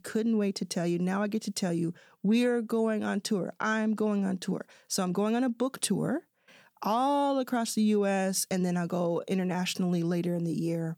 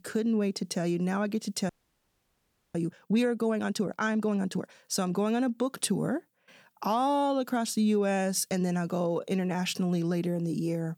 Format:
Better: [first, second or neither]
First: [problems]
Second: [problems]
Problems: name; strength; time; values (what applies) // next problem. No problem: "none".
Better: first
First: none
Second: audio freezing; at 1.5 s for 1 s